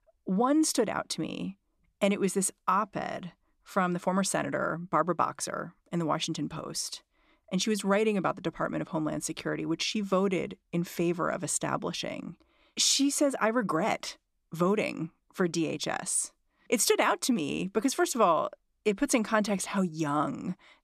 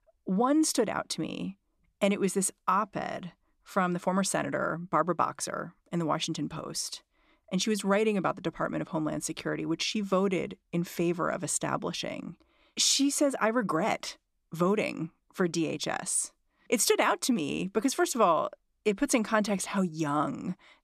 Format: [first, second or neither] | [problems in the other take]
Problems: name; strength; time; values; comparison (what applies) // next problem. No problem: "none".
neither | none